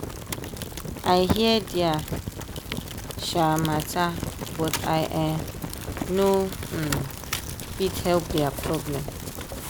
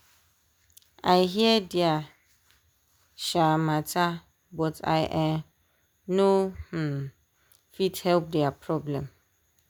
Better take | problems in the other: second | background sound (Fire); 5 dB below the speech

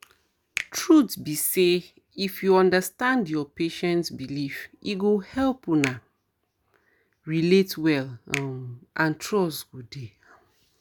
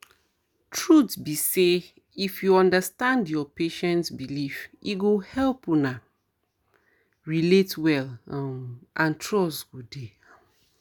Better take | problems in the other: second | background sound (Finger snapping); 16 dB below the speech

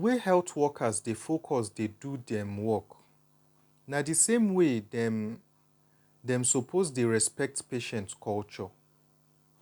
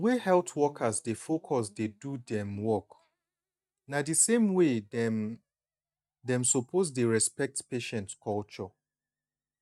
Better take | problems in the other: first | noise reduction (neural mask model DeepFilterNet 3)

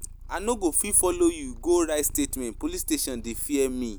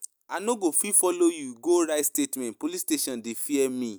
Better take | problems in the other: second | background sound (Purr); 13 dB below the speech

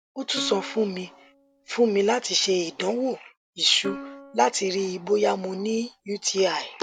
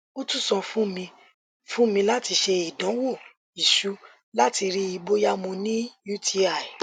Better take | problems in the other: second | background sound (Plucked string instrument); 17 dB below the speech

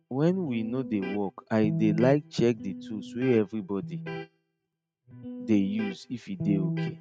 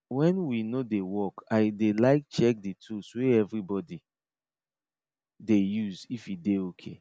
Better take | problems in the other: second | noise reduction (neural mask model RNNoise)

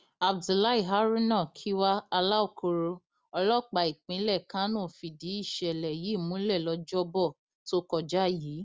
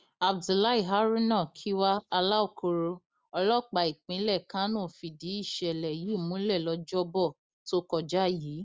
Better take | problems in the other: first | noise reduction (neural mask model Resemble Enhance denoiser)

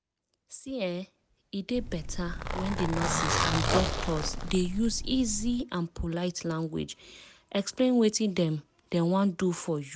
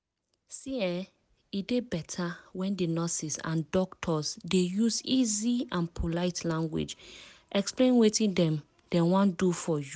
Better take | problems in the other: second | background sound (Zipper (clothing)); 1 dB below the speech

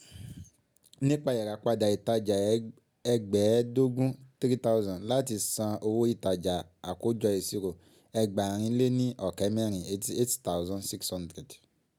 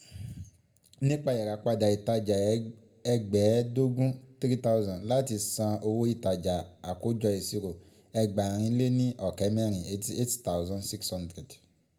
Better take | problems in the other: first | room echo; dies away in 0.4 s

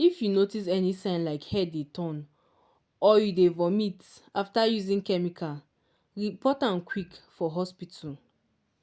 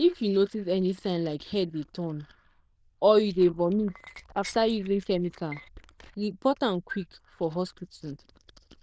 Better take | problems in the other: first | noise reduction (neural diffusion model UNIVERSE++)

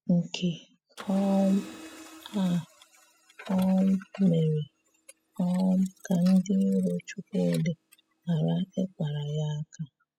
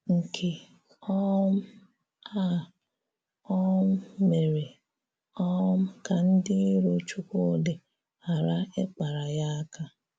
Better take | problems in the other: second | noise reduction (classical method spectral subtraction)

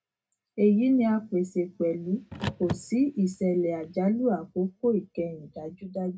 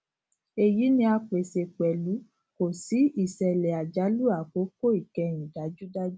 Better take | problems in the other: second | background sound (Car); 12 dB below the speech // room echo; dies away in 0.2 s

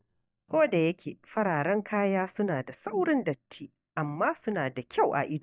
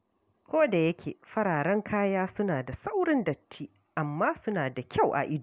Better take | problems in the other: second | noise reduction (neural mask model DeepFilterNet 3)

